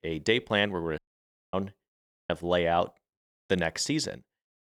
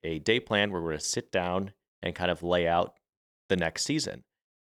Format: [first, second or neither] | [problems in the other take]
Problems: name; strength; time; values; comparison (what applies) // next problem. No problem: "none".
second | audio cutting out; at 1 s for 0.5 s and at 2 s